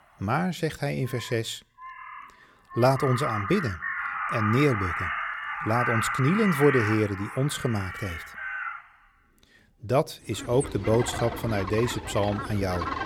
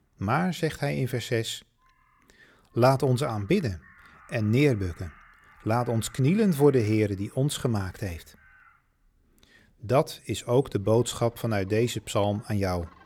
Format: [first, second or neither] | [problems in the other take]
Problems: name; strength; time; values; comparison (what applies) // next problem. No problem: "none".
second | animal sounds; loud; throughout; 5 dB below the speech; faint in the second